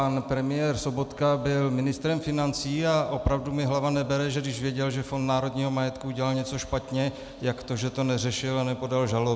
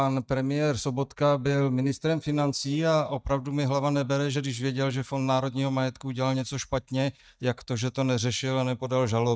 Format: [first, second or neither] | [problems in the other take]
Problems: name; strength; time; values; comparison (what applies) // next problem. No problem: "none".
first | noise reduction (neural mask model DeepFilterNet 3)